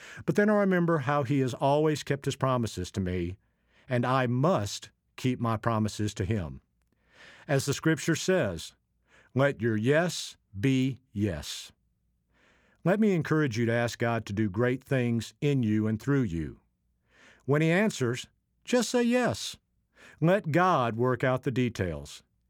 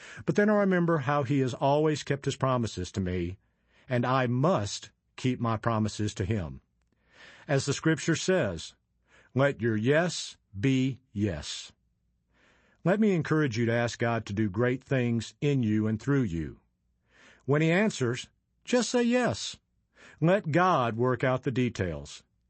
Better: first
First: none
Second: garbled, watery; slightly; nothing above 8 kHz

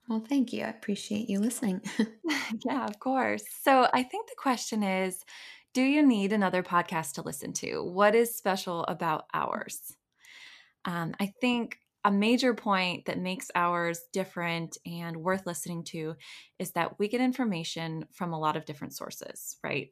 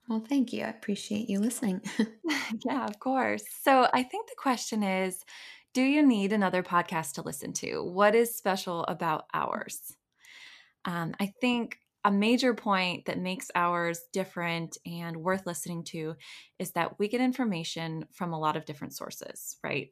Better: neither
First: none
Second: none

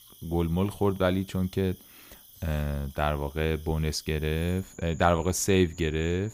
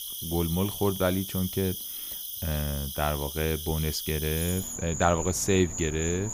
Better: first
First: animal sounds; faint; throughout; 20 dB below the speech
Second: animal sounds; loud; throughout; 5 dB below the speech

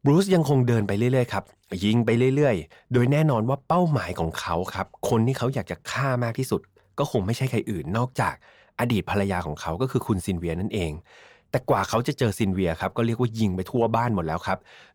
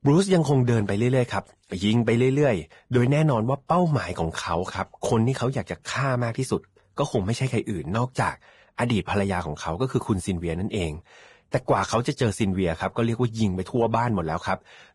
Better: first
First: none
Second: garbled, watery; badly; nothing above 10.5 kHz

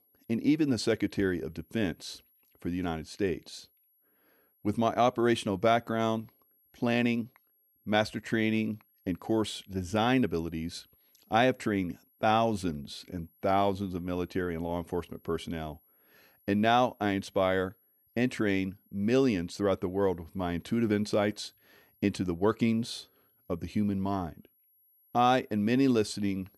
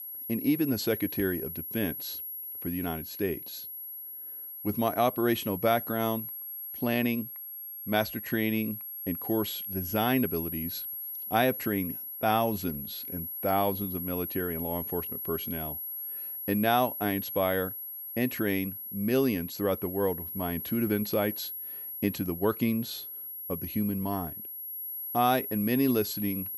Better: first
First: high-pitched whine; faint; throughout; 11.5 kHz, 35 dB below the speech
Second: high-pitched whine; loud; throughout; 11.5 kHz, 5 dB below the speech

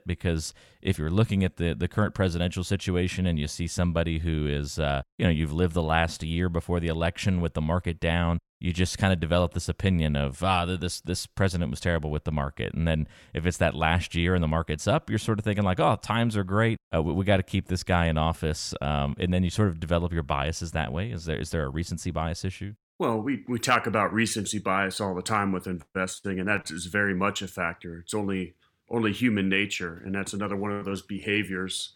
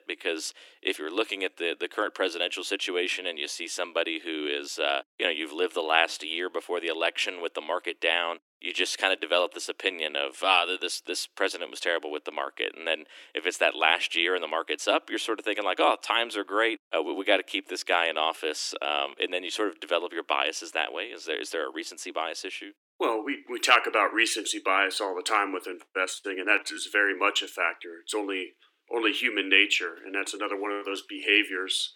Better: first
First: none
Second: thin; very; fading below 300 Hz

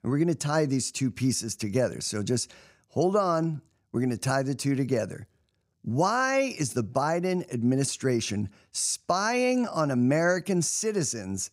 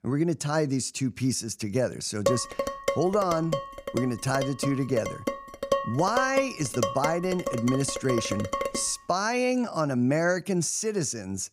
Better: first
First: none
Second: clattering dishes; noticeable; from 2.5 to 9 s; peak 1 dB below the speech

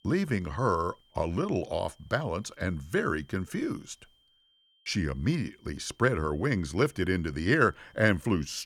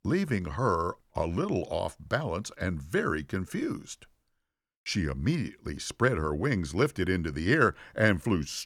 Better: second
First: high-pitched whine; faint; throughout; 3 kHz, 35 dB below the speech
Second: none

